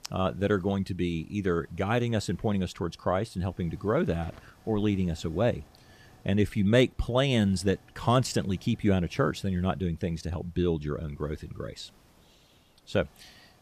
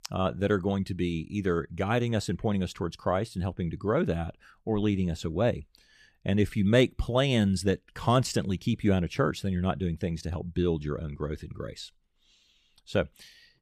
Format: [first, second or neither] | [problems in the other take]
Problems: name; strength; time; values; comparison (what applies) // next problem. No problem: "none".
second | hiss; faint; throughout; 30 dB below the speech